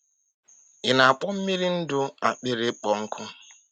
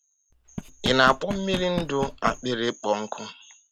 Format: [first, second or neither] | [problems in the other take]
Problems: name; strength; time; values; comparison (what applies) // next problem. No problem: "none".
first | background sound (Knock); 8 dB below the speech